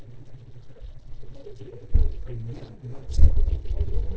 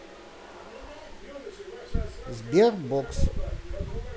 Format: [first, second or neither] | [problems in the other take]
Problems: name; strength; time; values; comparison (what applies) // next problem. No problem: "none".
second | noise reduction (neural separator model SepFormer DNS4)